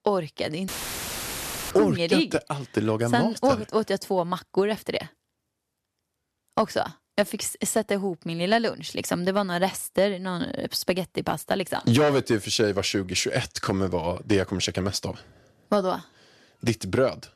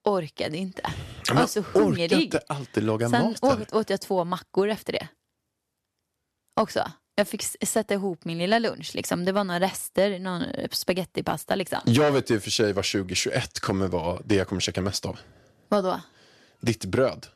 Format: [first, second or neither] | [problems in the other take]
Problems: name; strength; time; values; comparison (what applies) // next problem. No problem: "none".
second | audio cutting out; filled with static; at 0.5 s for 1 s